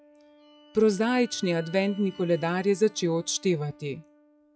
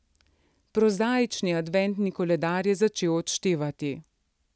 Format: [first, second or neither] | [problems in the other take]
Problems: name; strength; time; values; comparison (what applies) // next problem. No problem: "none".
second | noise reduction (classical method log-MMSE)